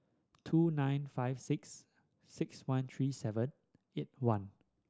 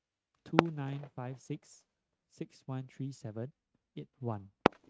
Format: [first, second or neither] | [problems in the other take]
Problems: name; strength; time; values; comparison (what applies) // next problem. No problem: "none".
first | noise reduction (neural mask model RNNoise)